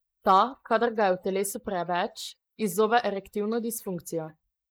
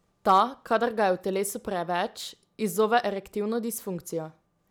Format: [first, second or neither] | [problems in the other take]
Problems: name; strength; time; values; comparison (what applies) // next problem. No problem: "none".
second | noise reduction (neural mask model Resemble Enhance denoiser)